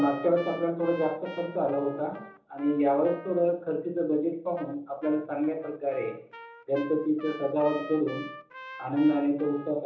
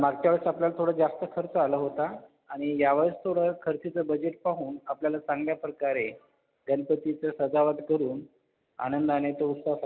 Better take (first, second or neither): second